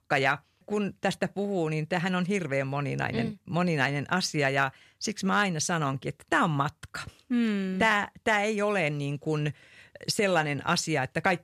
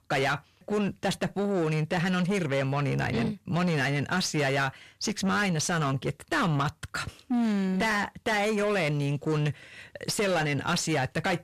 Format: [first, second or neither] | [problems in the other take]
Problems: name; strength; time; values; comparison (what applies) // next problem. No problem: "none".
first | distortion; heavy; 7 dB below the speech